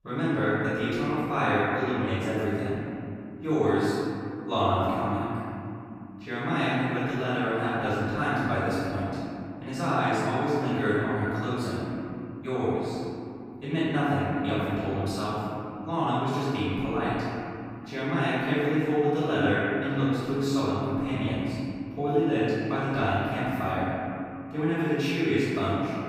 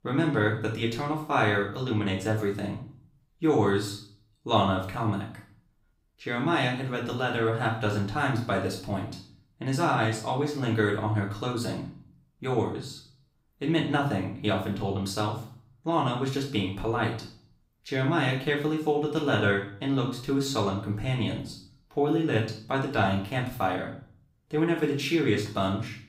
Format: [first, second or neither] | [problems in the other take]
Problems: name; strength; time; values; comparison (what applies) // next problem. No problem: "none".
second | room echo; strong; dies away in 2.9 s; slight in the second // off-mic speech; far; far in the second